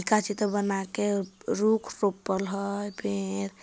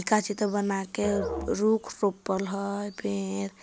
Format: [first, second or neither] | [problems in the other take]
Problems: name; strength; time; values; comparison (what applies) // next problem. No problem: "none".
first | background sound (Musical instrument); 11 dB below the speech